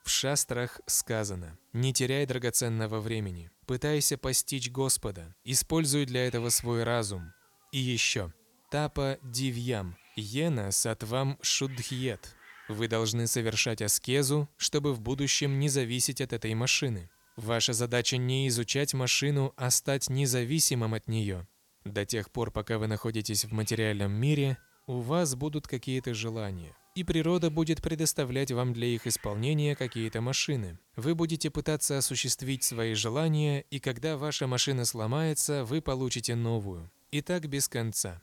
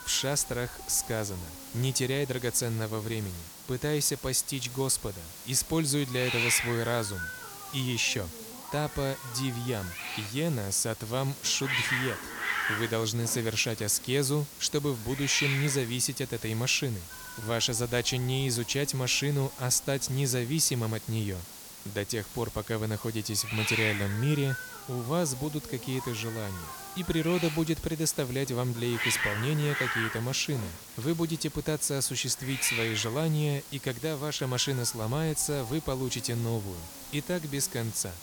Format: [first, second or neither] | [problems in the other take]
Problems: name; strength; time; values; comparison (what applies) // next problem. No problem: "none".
first | hiss; loud; throughout; 7 dB below the speech; faint in the first